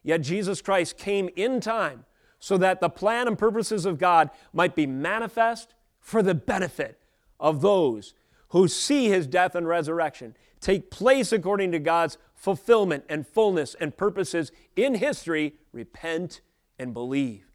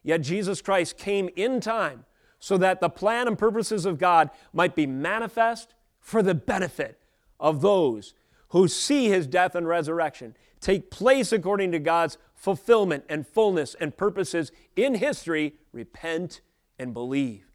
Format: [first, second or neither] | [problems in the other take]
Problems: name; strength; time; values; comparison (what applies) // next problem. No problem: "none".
neither | none